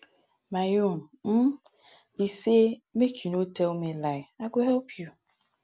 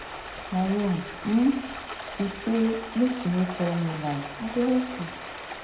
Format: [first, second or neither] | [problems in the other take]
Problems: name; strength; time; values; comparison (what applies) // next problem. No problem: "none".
first | background sound (Stream); 10 dB below the speech // room echo; dies away in 0.7 s